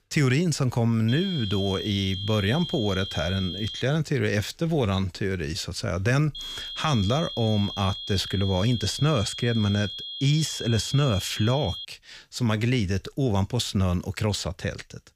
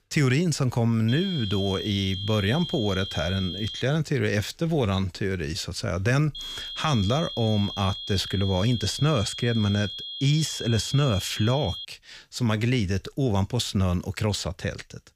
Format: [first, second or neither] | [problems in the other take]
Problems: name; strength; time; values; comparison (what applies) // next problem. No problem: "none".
neither | high-pitched whine; loud; from 1 to 4 s and from 6.5 to 12 s; 3.5 kHz, 8 dB below the speech; the same in both